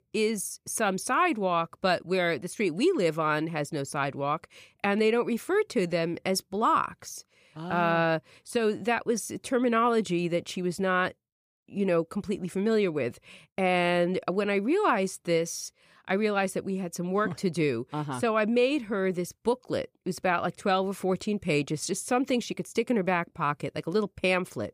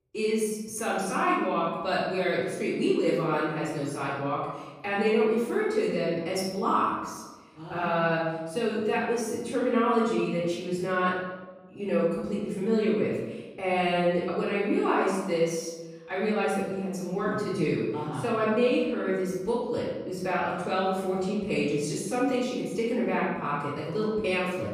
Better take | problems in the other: first | off-mic speech; far // room echo; noticeable; dies away in 1.1 s

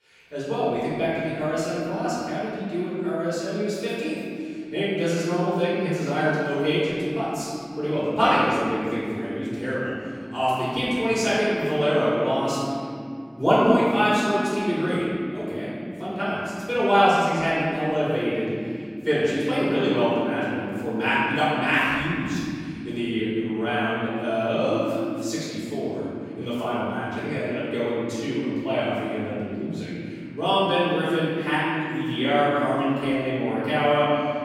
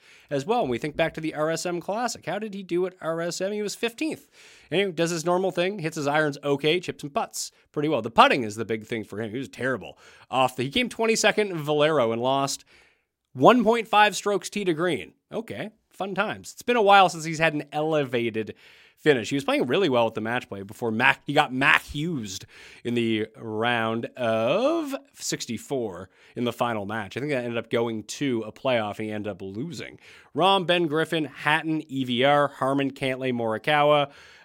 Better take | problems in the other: second | off-mic speech; far // room echo; strong; dies away in 3 s

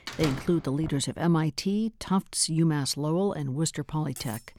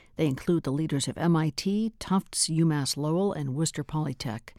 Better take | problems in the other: second | door banging; noticeable; at the start; peak 7 dB below the speech // clattering dishes; faint; at 4 s; peak 15 dB below the speech

